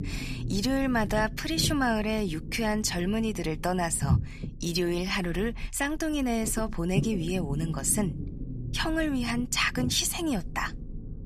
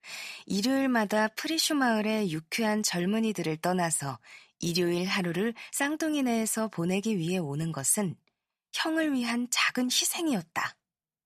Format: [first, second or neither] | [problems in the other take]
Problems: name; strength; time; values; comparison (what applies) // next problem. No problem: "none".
second | low rumble; noticeable; throughout; 15 dB below the speech